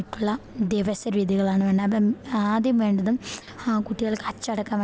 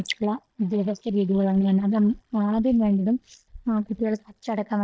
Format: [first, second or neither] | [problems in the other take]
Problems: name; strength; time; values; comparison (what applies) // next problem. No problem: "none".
first | noise reduction (neural mask model DeepFilterNet 3)